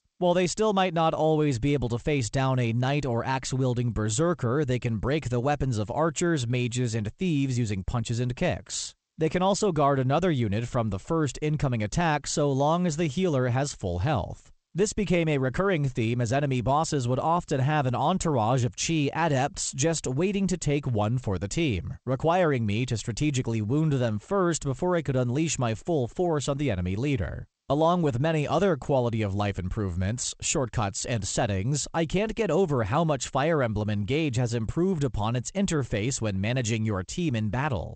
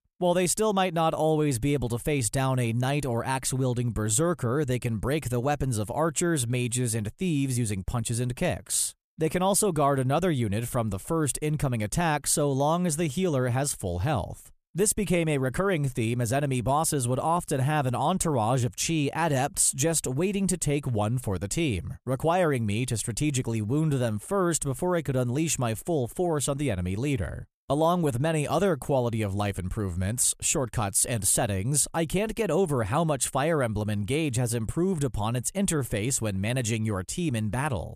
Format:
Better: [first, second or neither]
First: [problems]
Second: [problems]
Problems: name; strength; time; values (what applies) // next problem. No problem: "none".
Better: second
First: garbled, watery; slightly; nothing above 8 kHz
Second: none